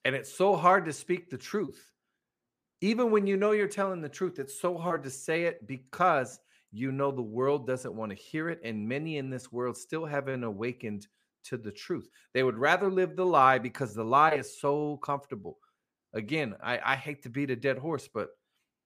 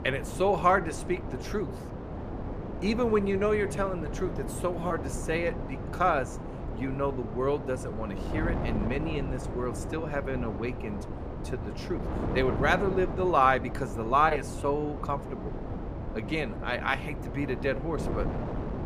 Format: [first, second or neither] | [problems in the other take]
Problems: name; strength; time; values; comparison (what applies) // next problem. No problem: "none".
first | wind noise on the microphone; occasional gusts; 10 dB below the speech